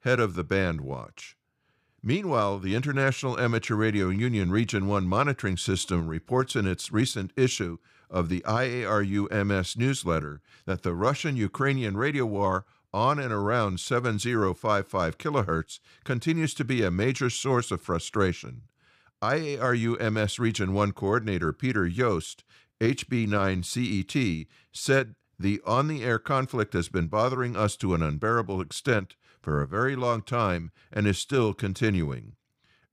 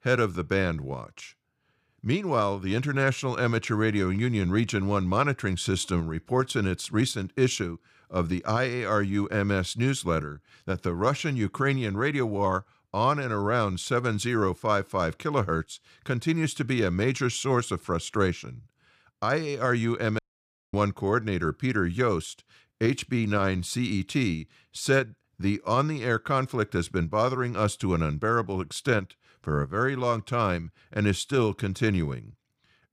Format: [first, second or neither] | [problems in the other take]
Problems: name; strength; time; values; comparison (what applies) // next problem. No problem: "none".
first | audio cutting out; at 20 s for 0.5 s